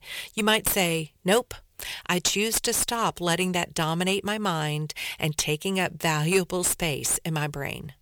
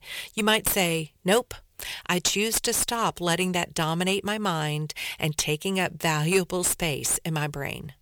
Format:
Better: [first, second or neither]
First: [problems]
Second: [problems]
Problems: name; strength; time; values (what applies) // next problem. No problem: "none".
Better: neither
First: distortion; slight; 10 dB below the speech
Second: distortion; slight; 10 dB below the speech